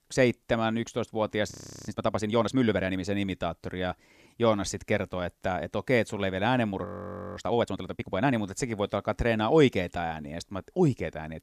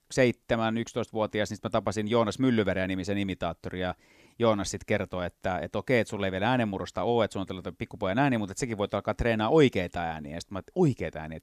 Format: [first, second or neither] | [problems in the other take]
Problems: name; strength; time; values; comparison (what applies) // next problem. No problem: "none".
second | audio freezing; at 1.5 s and at 7 s for 0.5 s